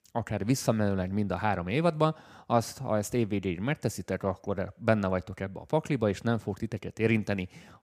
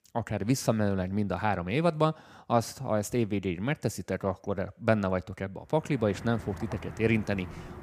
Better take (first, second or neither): first